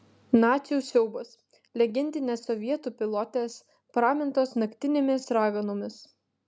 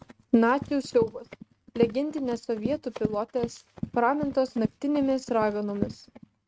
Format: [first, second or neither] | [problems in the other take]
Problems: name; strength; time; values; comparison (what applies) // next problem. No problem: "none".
first | noise reduction (neural mask model RNNoise)